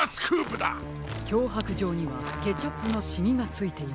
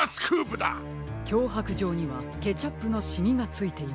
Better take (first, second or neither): second